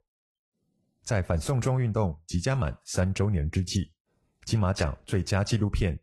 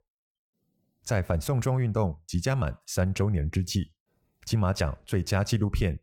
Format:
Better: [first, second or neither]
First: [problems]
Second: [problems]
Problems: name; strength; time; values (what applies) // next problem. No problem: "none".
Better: second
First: garbled, watery; slightly; nothing above 11.5 kHz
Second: none